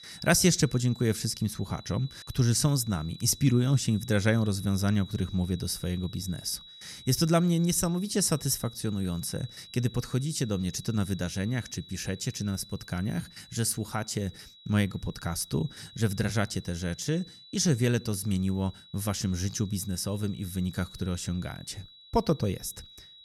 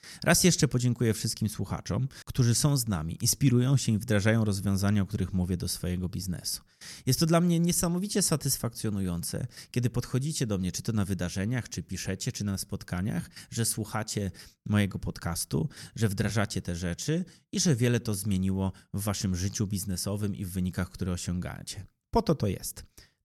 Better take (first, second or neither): second